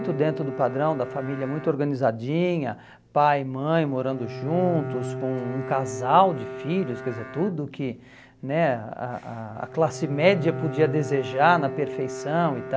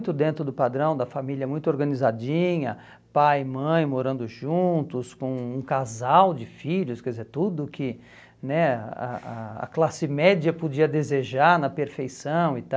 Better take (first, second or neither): second